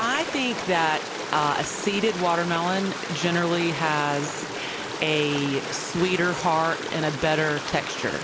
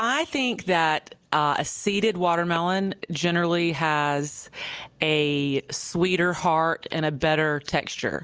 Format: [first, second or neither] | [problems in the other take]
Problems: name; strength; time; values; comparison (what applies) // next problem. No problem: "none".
second | background sound (Stream); 7 dB below the speech